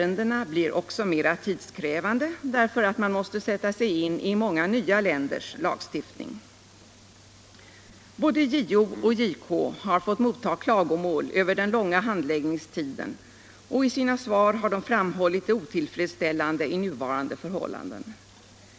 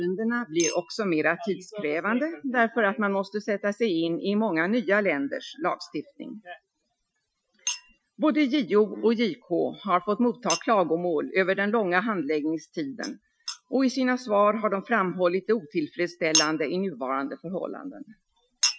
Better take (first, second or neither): first